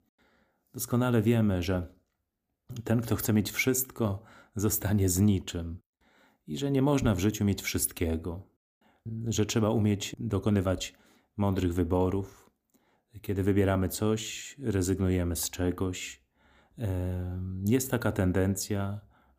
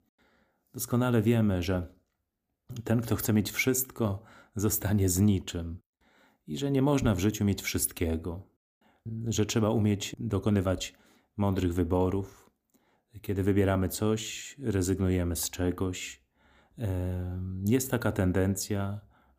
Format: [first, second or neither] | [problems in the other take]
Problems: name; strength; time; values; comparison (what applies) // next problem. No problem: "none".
neither | none